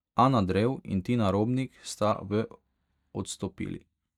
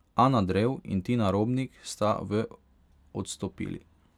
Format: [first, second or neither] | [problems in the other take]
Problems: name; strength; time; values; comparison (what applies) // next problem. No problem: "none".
second | noise reduction (neural mask model DeepFilterNet 3)